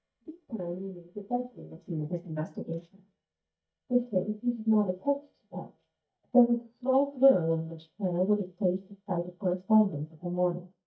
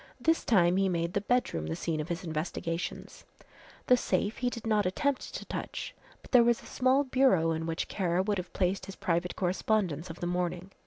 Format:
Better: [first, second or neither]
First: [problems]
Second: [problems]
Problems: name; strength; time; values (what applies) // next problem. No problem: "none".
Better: second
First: noise reduction (neural mask model DeepFilterNet 3)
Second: none